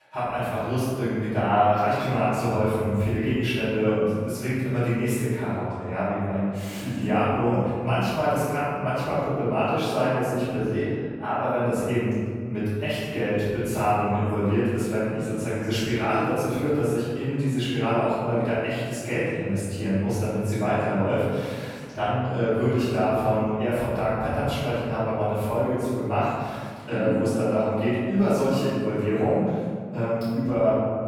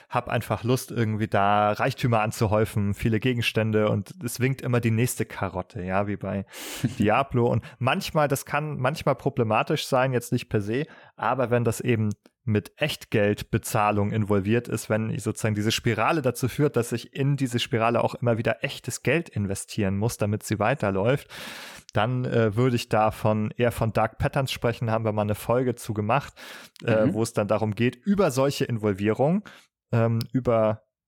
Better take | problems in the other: second | room echo; strong; dies away in 1.8 s // off-mic speech; far

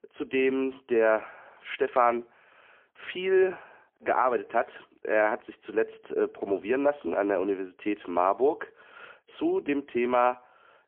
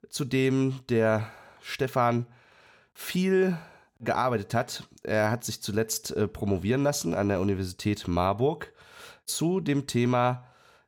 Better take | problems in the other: second | phone-call audio; poor line

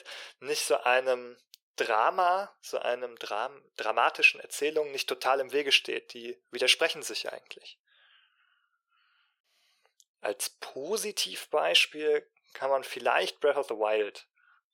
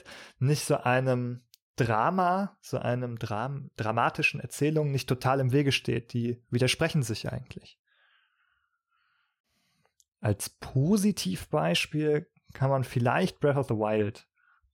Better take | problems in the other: second | thin; very; fading below 450 Hz

